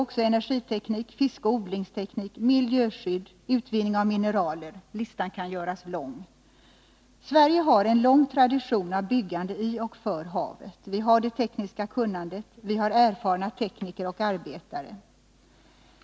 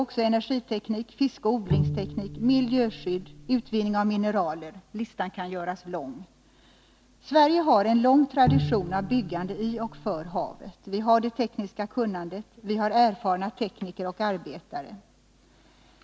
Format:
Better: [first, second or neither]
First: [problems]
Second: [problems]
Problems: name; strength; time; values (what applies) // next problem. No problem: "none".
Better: first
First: none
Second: background sound (Bowed string instrument); 5 dB below the speech